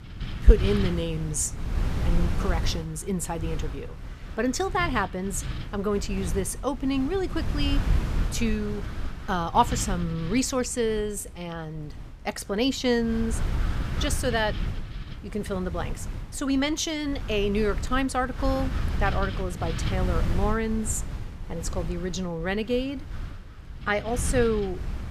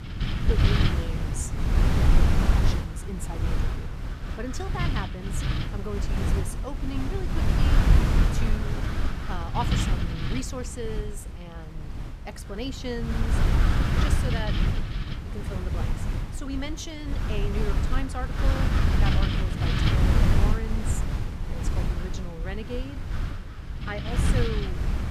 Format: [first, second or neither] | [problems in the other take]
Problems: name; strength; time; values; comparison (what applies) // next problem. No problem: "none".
first | wind noise on the microphone; heavy; 3 dB above the speech; occasional gusts in the first